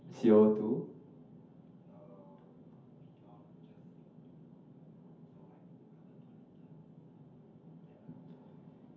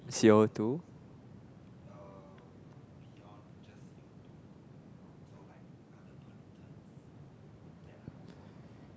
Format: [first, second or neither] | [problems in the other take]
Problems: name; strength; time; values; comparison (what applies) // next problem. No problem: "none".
second | room echo; dies away in 0.5 s